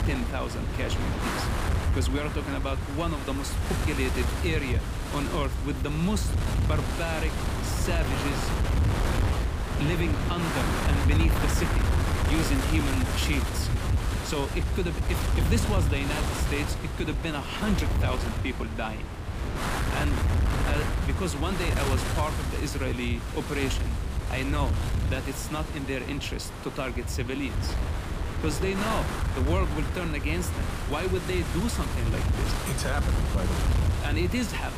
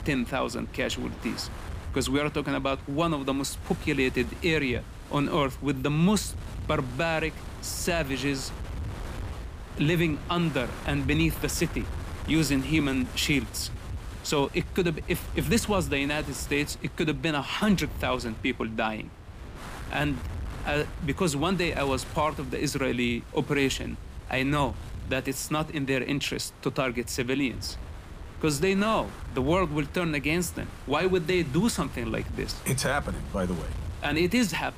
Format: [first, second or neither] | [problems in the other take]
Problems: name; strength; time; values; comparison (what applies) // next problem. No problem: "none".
second | wind noise on the microphone; heavy; 1 dB below the speech; occasional gusts in the second